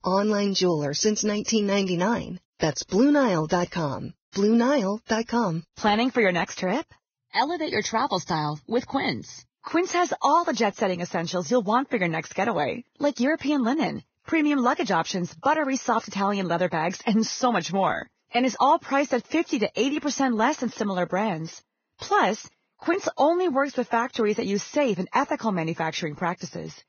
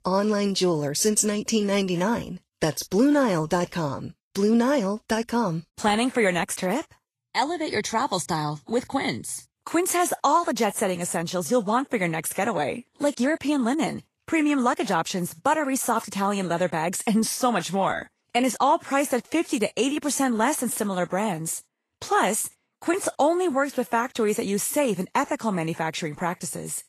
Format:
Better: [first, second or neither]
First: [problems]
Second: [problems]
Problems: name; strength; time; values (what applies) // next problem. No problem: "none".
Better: second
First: garbled, watery; badly; nothing above 6.5 kHz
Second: garbled, watery; slightly; nothing above 12.5 kHz